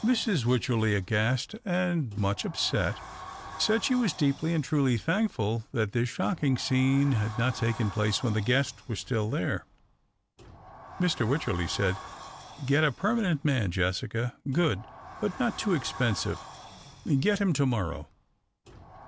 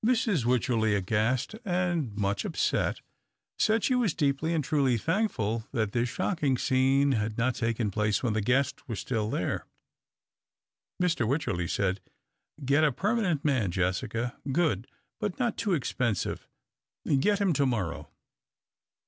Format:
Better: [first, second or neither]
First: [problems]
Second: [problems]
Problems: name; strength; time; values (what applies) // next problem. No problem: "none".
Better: second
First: background sound (Sliding door); 17 dB below the speech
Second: none